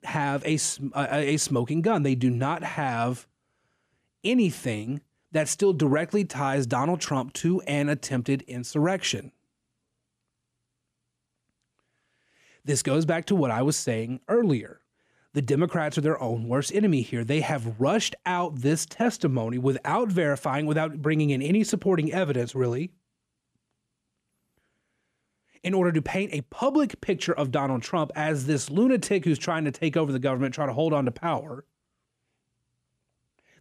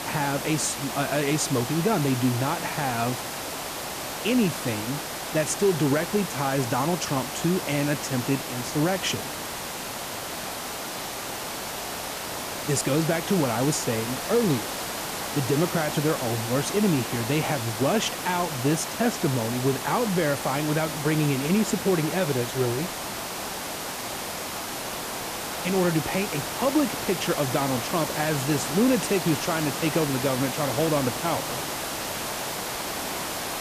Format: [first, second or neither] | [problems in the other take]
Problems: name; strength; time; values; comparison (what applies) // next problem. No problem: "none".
first | hiss; loud; throughout; 4 dB below the speech